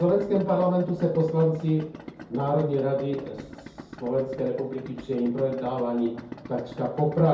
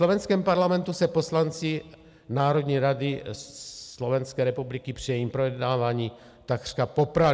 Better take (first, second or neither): second